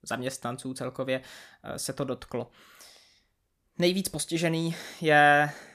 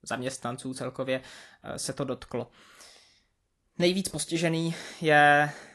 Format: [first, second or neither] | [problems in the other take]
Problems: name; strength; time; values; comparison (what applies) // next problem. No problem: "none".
first | garbled, watery; slightly; nothing above 11.5 kHz